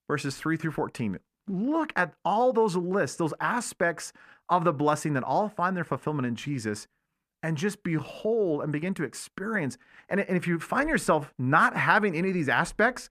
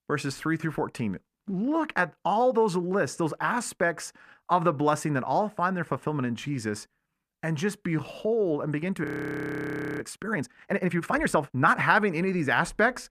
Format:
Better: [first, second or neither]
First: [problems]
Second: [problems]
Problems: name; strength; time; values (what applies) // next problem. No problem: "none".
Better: first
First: none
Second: audio freezing; at 9 s for 1 s